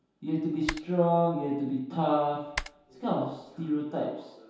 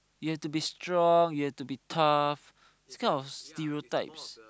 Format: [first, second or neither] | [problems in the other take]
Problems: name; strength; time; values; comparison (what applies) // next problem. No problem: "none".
second | background sound (Typing); 13 dB below the speech // room echo; dies away in 0.8 s